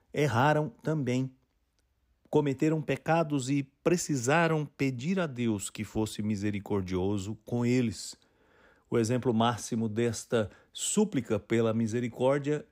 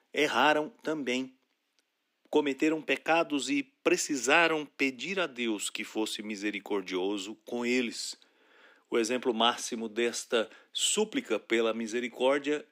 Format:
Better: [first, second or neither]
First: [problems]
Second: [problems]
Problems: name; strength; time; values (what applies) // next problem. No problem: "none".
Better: first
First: none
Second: thin; very slightly; fading below 300 Hz